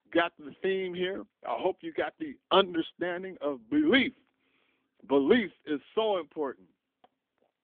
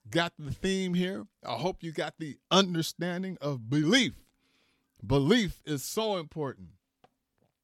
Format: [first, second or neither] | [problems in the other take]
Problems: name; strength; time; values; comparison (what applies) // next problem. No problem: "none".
second | phone-call audio; nothing above 3.5 kHz